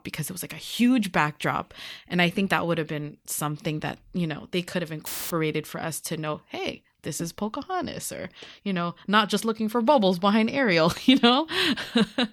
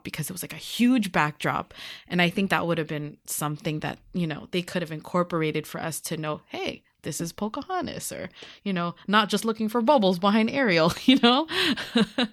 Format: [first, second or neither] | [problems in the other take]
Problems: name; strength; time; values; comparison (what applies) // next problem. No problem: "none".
second | audio cutting out; filled with static; at 5 s